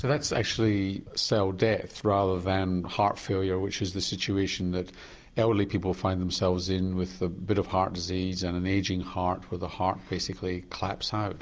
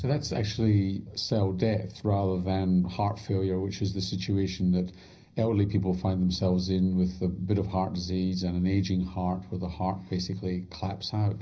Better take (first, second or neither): first